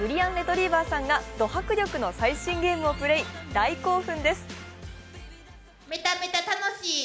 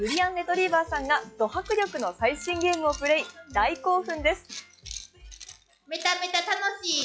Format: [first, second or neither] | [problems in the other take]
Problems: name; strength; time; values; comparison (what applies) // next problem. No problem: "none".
first | noise reduction (classical method log-MMSE)